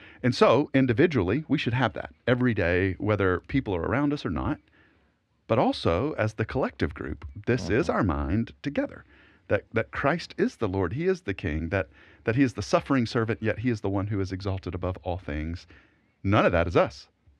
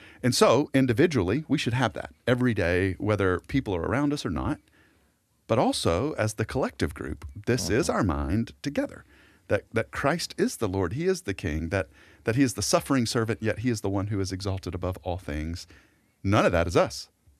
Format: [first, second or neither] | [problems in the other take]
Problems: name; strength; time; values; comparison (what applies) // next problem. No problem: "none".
second | muffled; slightly; fading above 3 kHz